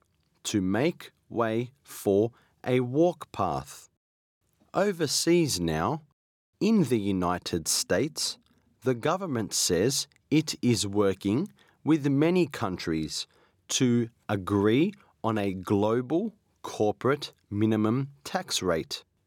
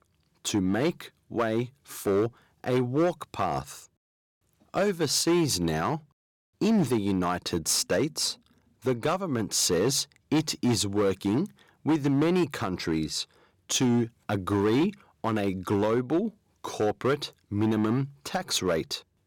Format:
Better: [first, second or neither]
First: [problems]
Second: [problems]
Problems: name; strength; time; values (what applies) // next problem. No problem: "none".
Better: first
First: none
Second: distortion; slight; 7% of the sound clipped